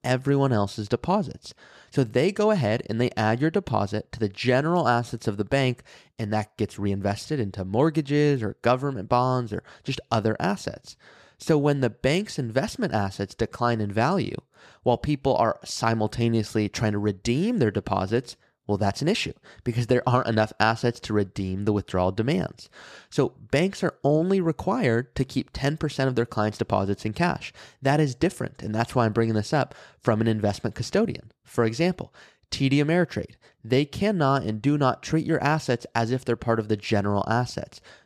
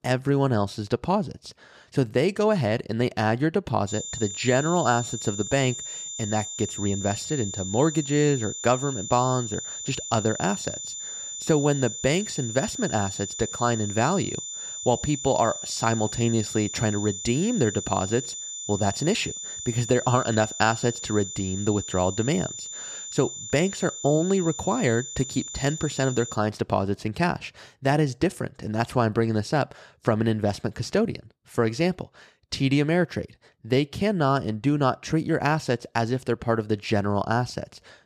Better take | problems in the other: first | high-pitched whine; loud; from 4 to 26 s; 7 kHz, 7 dB below the speech

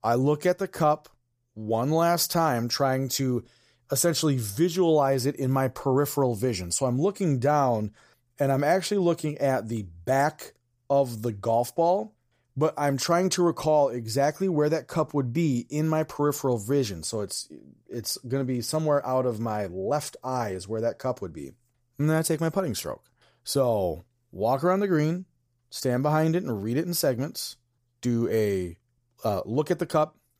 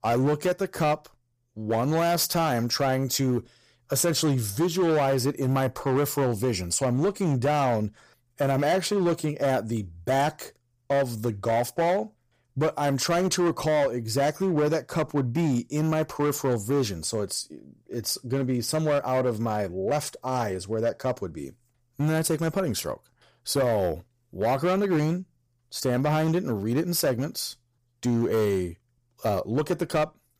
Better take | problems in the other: first | distortion; slight; 11% of the sound clipped

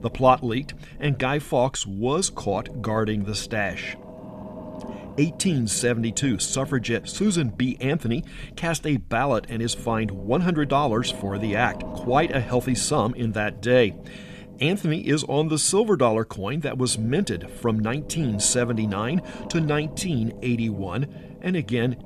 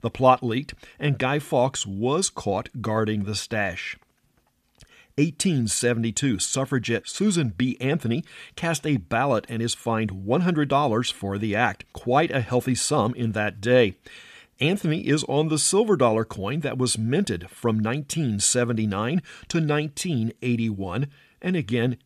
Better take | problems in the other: second | low rumble; noticeable; throughout; 15 dB below the speech

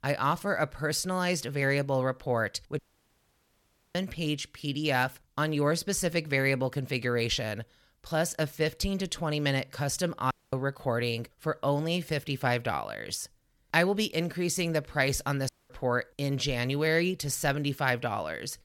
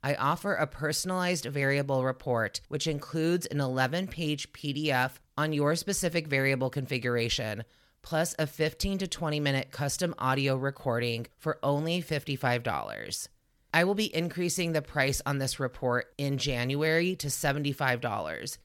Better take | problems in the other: second | audio cutting out; at 3 s for 1 s, at 10 s and at 15 s

